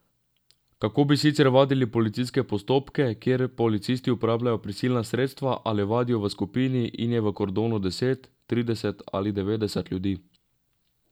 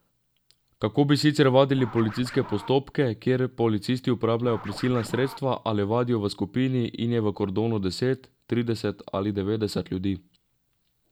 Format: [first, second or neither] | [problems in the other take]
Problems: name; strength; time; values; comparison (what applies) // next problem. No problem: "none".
first | background sound (Scratching (performance technique)); 19 dB below the speech